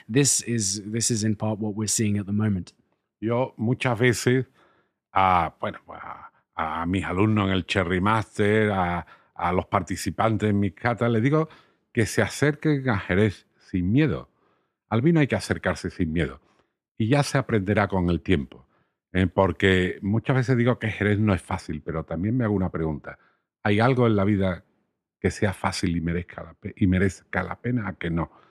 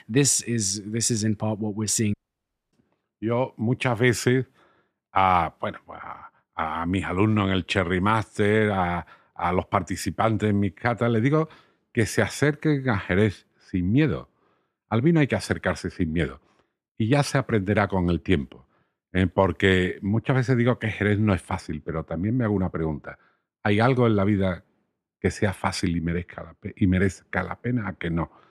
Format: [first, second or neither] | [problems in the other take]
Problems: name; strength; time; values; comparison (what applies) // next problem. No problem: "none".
first | audio cutting out; at 2 s for 0.5 s